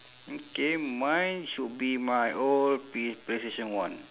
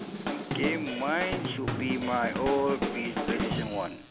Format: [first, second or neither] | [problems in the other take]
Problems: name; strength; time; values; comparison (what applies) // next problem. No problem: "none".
first | background sound (Drum kit); 2 dB below the speech